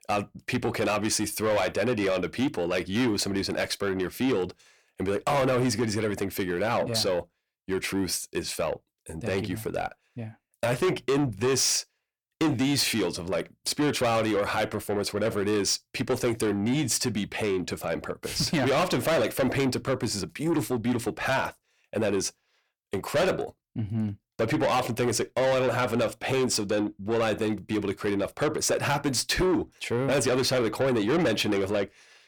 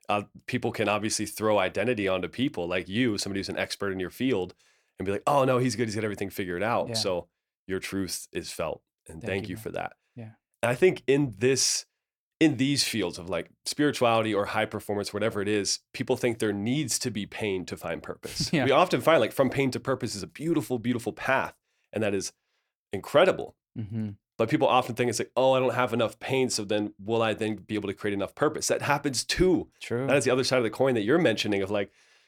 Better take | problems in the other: second | distortion; heavy; 7 dB below the speech

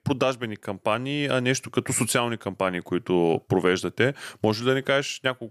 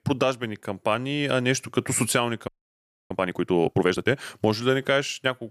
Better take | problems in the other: first | audio freezing; at 2.5 s for 0.5 s

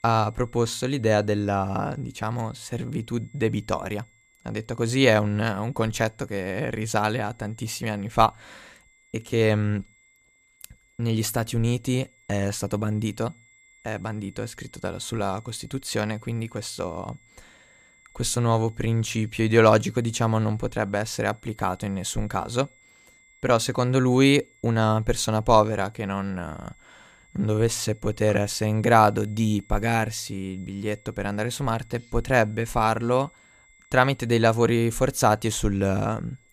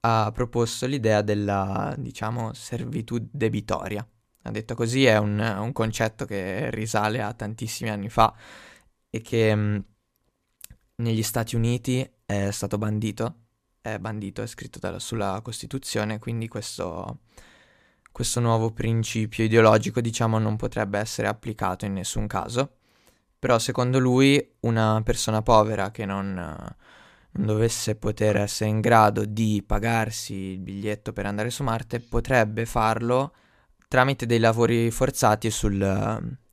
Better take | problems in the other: second | high-pitched whine; faint; throughout; 2 kHz, 30 dB below the speech

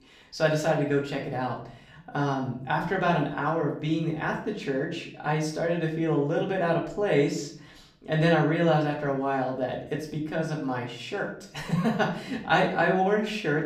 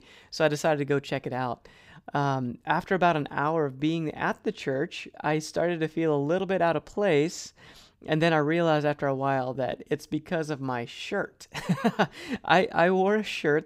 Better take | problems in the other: second | room echo; slight; dies away in 0.5 s // off-mic speech; far

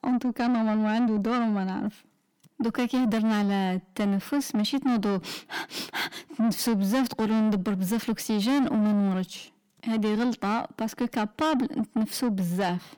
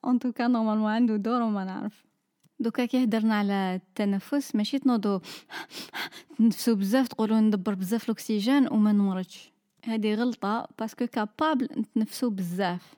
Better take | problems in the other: second | distortion; slight; 10 dB below the speech

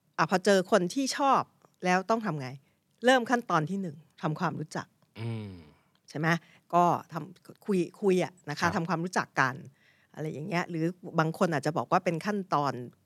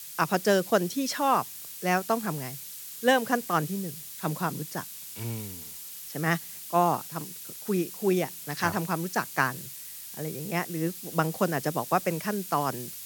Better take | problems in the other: first | hiss; loud; throughout; 10 dB below the speech

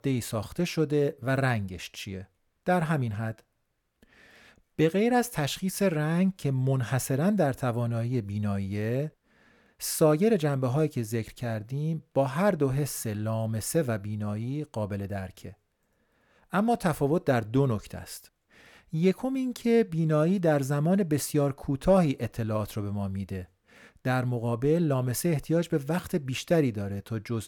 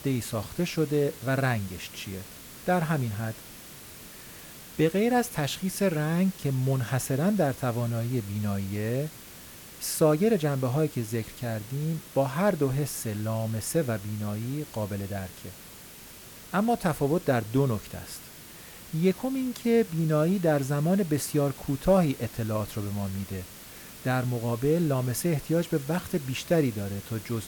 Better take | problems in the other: first | hiss; noticeable; throughout; 15 dB below the speech

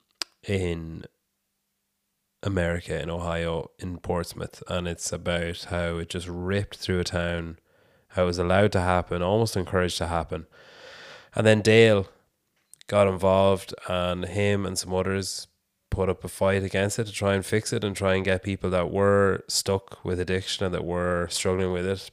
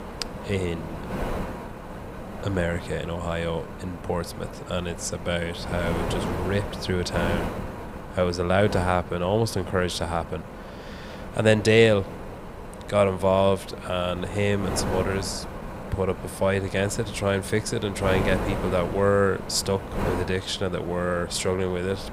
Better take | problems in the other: first | wind noise on the microphone; heavy; 10 dB below the speech

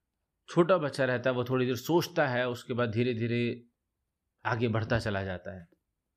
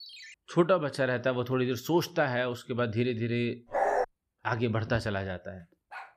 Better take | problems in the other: first | phone ringing; faint; at the start; peak 15 dB below the speech // dog barking; loud; at 3.5 s; peak 1 dB above the speech // dog barking; faint; at 6 s; peak 15 dB below the speech

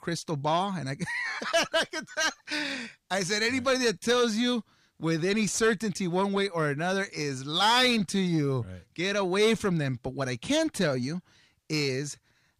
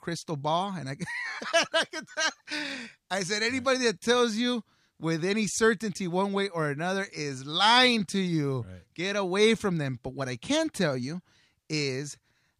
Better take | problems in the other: second | distortion; slight; 10 dB below the speech

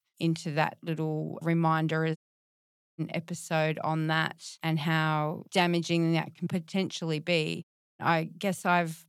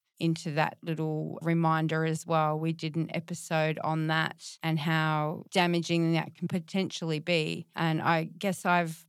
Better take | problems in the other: second | audio cutting out; at 2 s for 1 s and at 7.5 s

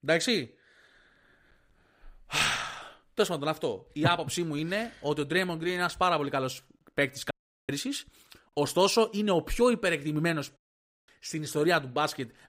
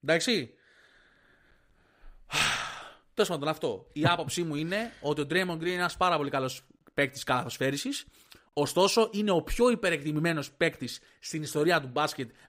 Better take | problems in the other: second | audio cutting out; at 7.5 s and at 11 s for 0.5 s

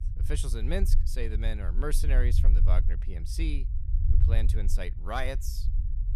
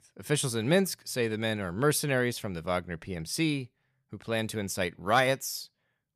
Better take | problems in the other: second | low rumble; noticeable; throughout; 10 dB below the speech

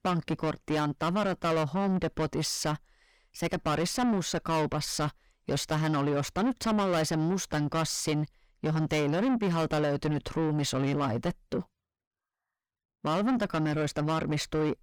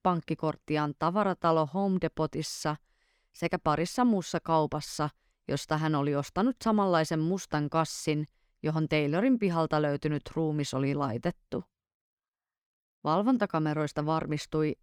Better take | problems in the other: second | distortion; heavy; 6 dB below the speech

